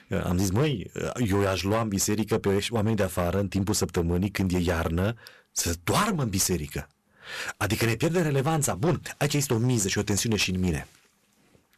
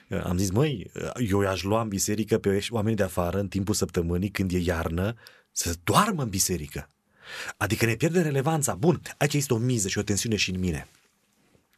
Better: second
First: distortion; slight; 11% of the sound clipped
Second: none

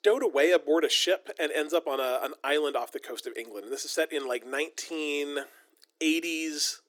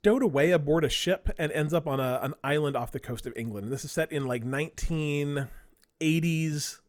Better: second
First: thin; very; fading below 300 Hz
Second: none

